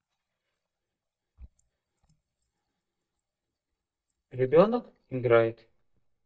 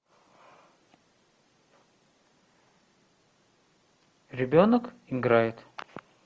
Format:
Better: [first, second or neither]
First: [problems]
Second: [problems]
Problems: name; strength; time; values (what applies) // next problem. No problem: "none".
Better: second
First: noise reduction (neural mask model DeepFilterNet 3)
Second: none